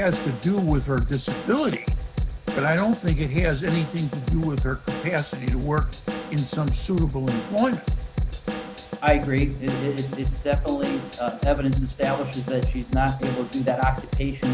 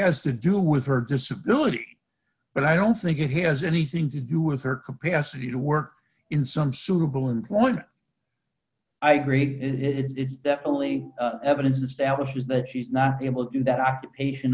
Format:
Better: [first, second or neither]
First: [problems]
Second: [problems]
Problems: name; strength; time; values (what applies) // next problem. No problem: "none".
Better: second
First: background sound (Drum / Drum kit); 3 dB below the speech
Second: none